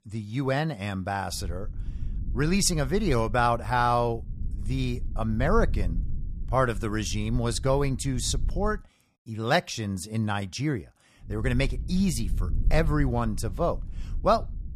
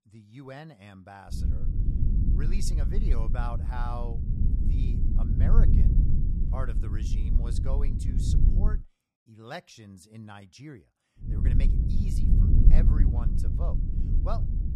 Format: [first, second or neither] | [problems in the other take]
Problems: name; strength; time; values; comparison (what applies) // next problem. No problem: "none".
first | low rumble; loud; from 1.5 to 9 s and from 11 s on; as loud as the speech; faint in the first